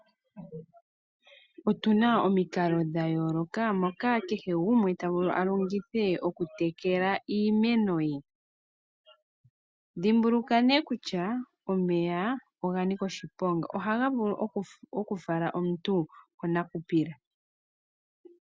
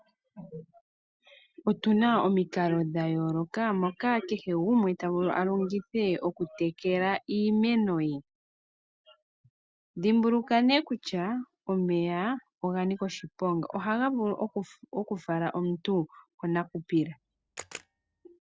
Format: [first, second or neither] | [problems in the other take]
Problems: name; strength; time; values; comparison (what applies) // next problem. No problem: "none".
first | noise reduction (neural separator model SepFormer DNS4)